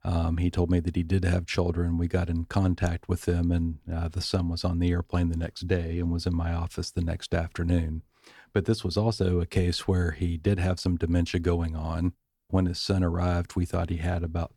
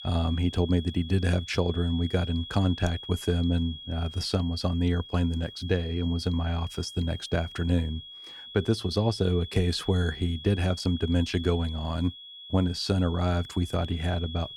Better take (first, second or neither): first